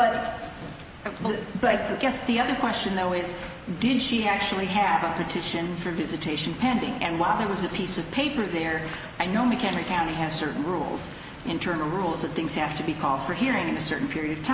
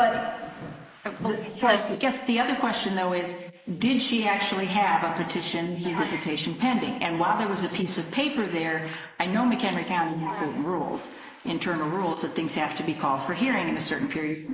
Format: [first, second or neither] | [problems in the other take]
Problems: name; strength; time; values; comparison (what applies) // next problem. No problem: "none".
first | noise reduction (neural mask model Resemble Enhance denoiser)